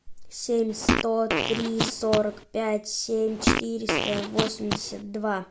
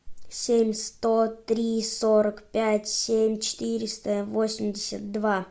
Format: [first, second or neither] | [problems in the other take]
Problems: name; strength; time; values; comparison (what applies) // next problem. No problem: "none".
second | background sound (Fart); as loud as the speech